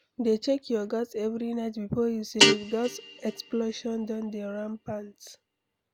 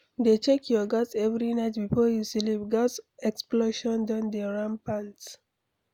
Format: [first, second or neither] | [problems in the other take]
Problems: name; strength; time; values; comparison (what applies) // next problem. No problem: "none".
second | background sound (Guitar); 1 dB above the speech